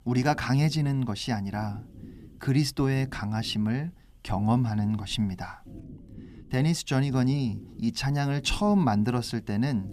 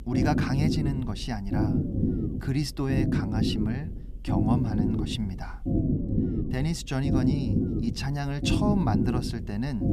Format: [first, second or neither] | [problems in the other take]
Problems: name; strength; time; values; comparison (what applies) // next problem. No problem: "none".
first | low rumble; loud; throughout; 1 dB below the speech; faint in the first